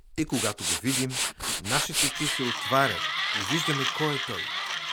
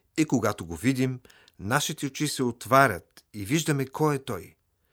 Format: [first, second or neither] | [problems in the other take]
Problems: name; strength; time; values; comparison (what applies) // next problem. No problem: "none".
second | machinery noise; very loud; throughout; 3 dB above the speech